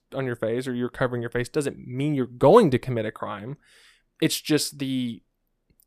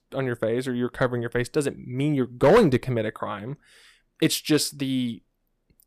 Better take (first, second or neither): first